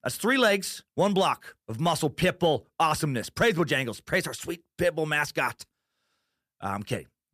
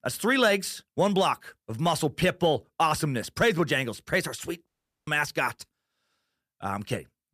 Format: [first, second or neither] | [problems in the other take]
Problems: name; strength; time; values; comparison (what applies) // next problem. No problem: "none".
first | audio cutting out; at 4.5 s